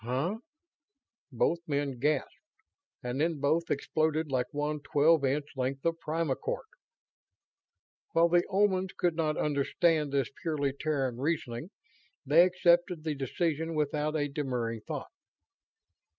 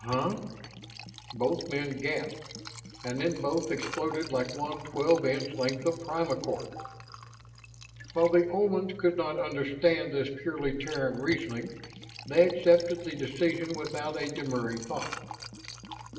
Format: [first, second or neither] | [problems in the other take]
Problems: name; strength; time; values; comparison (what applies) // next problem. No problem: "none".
first | background sound (Liquid); 14 dB below the speech // room echo; dies away in 0.8 s